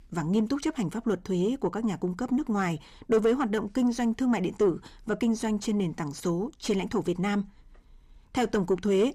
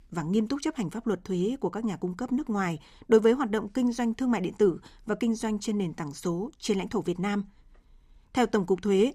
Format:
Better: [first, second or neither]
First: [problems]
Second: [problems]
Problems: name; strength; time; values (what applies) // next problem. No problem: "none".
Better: second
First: distortion; slight; 10 dB below the speech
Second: none